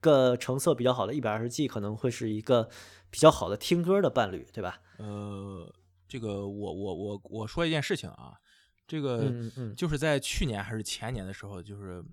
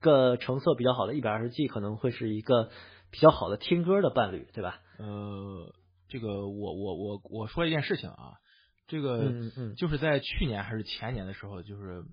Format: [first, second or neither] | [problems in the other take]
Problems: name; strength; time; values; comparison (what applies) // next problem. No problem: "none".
first | garbled, watery; badly